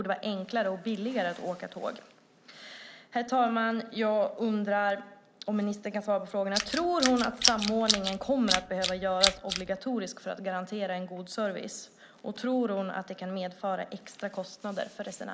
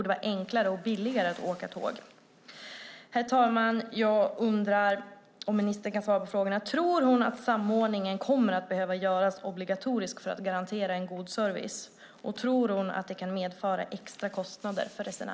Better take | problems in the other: second | background sound (Tools); as loud as the speech

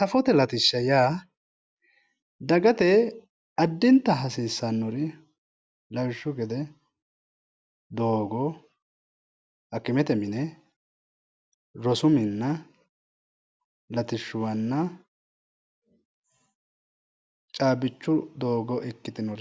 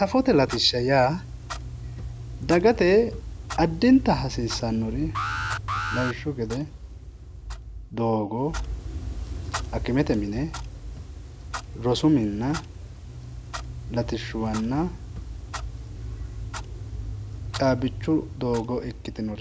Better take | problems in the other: first | background sound (Alarm + Clock); 8 dB below the speech

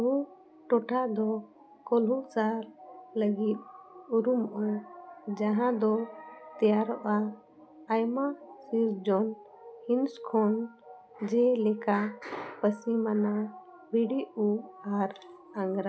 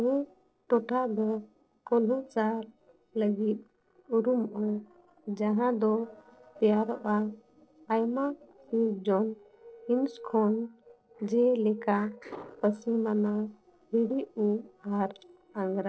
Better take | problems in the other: first | noise reduction (neural separator model SepFormer DNS4)

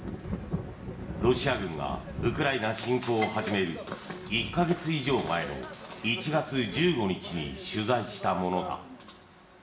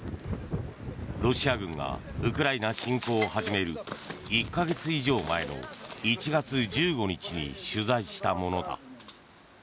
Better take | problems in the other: second | room echo; dies away in 1.1 s

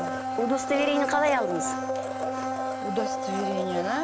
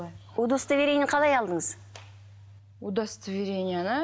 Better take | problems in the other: second | background sound (Domestic sounds, home sounds); 1 dB below the speech

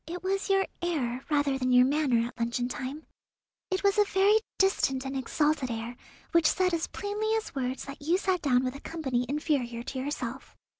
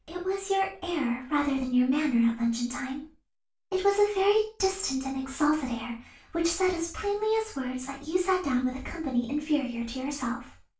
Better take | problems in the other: first | room echo; dies away in 0.3 s

